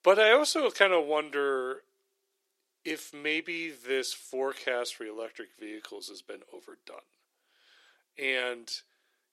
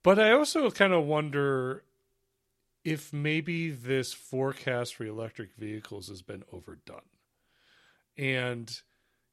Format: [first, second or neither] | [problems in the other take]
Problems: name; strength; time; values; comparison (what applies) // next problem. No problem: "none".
second | thin; somewhat; fading below 350 Hz